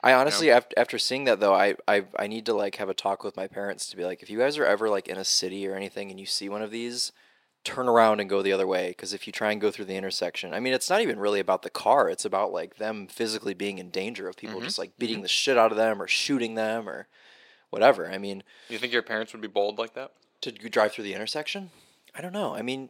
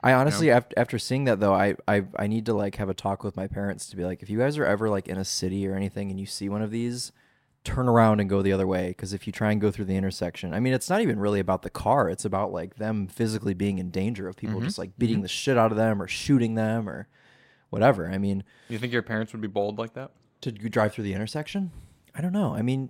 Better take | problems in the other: second | thin; somewhat; fading below 450 Hz

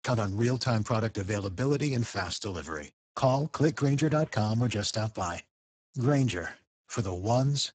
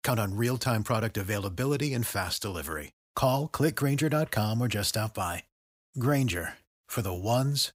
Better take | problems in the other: second | garbled, watery; badly; nothing above 7.5 kHz

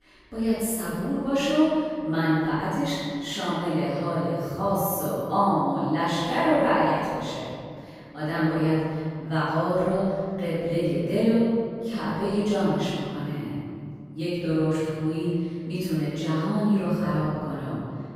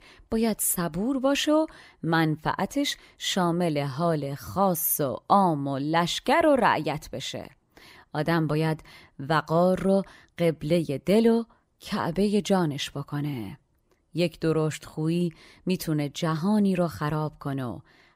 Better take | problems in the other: second | off-mic speech; far // room echo; strong; dies away in 2.2 s

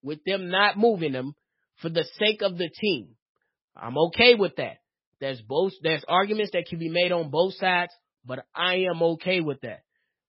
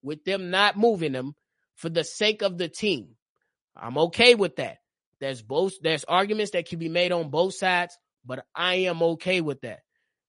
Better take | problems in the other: second | garbled, watery; badly; nothing above 5 kHz; slightly in the second

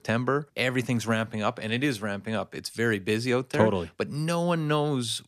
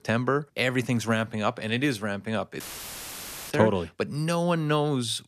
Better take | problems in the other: first | audio cutting out; filled with static; at 2.5 s for 1 s

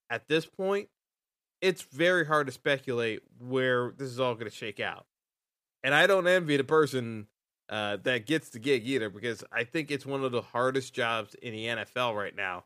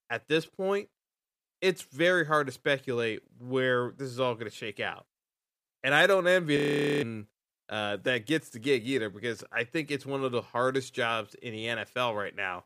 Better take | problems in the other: first | audio freezing; at 6.5 s

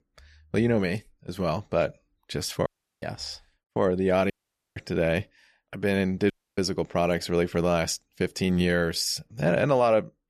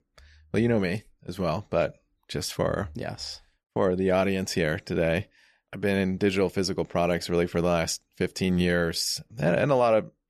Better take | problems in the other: second | audio cutting out; at 2.5 s, at 4.5 s and at 6.5 s

